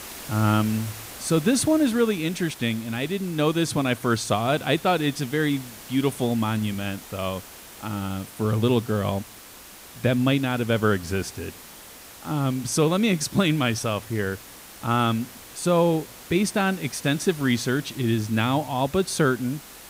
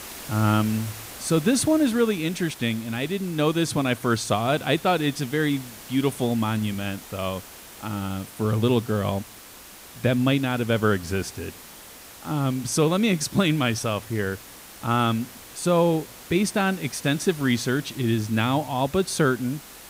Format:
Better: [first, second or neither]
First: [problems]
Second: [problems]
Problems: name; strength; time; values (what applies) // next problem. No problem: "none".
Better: neither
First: hiss; noticeable; throughout; 15 dB below the speech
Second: hiss; noticeable; throughout; 15 dB below the speech